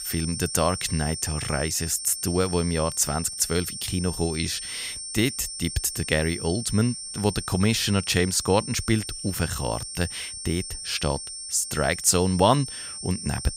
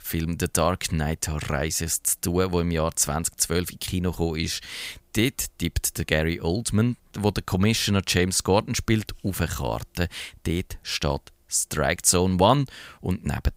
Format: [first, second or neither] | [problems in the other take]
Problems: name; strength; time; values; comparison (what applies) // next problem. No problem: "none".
second | high-pitched whine; loud; throughout; 8.5 kHz, 7 dB below the speech